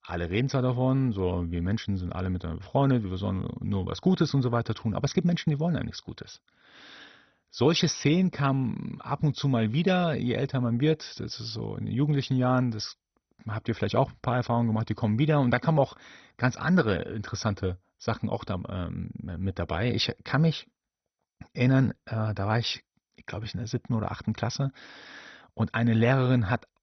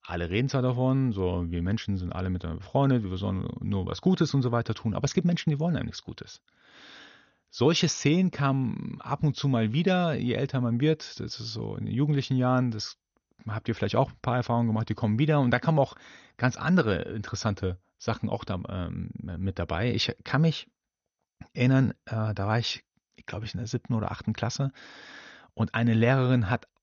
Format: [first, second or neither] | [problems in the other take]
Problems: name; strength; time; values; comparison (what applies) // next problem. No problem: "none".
second | garbled, watery; badly; nothing above 6 kHz; slightly in the second